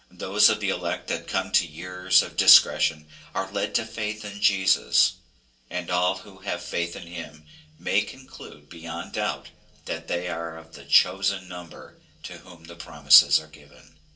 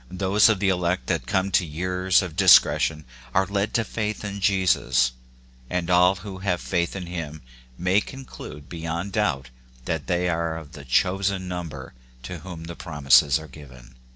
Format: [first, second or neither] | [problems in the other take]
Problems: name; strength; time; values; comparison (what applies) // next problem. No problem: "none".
second | room echo; dies away in 0.2 s